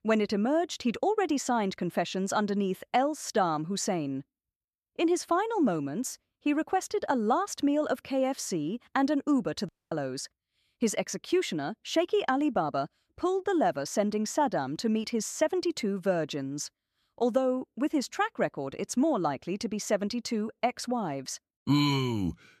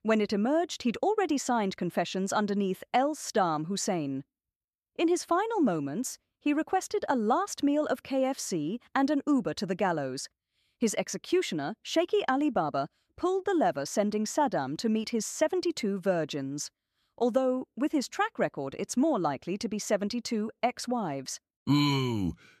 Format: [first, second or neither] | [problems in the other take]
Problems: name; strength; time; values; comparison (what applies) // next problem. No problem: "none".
second | audio cutting out; at 9.5 s